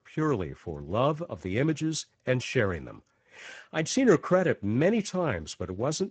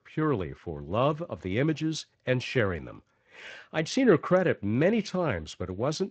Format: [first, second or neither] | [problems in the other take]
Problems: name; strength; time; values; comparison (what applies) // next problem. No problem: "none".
second | garbled, watery; badly; nothing above 8 kHz; slightly in the second